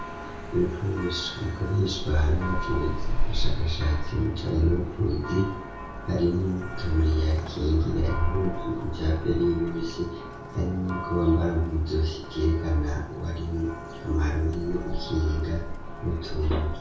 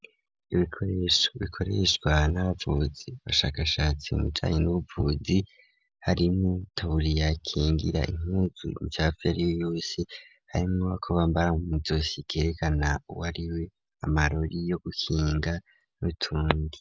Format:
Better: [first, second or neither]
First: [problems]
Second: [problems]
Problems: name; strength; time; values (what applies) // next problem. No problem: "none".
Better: second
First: background sound (Church bell); 5 dB below the speech // room echo; dies away in 0.6 s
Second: none